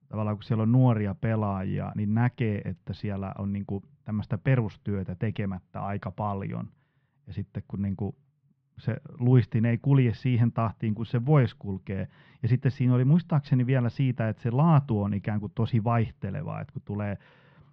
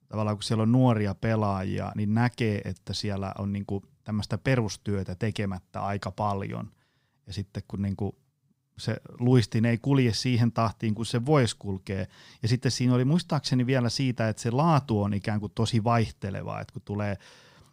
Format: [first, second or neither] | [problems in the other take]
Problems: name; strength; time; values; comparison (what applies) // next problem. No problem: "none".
second | muffled; very; fading above 3 kHz